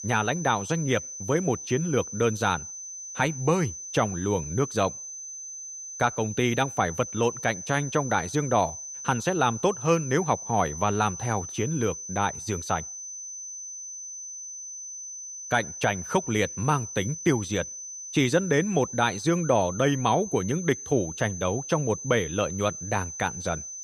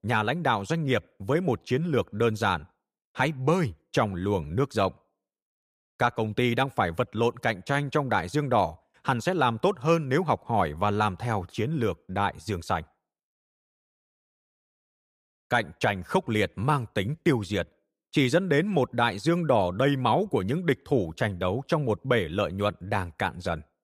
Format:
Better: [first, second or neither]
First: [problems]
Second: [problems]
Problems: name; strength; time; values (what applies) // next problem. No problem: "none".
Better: second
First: high-pitched whine; loud; throughout; 6 kHz, 9 dB below the speech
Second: none